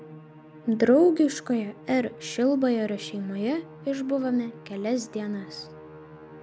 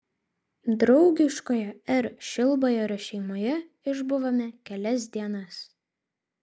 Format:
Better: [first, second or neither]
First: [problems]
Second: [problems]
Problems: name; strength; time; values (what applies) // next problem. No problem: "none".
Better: second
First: background sound (Musical instrument); 19 dB below the speech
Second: none